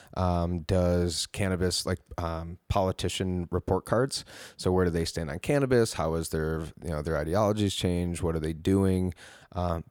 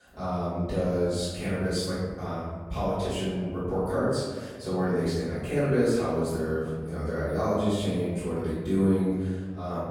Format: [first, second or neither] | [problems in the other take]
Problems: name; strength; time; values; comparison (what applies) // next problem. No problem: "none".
first | off-mic speech; far // room echo; strong; dies away in 1.5 s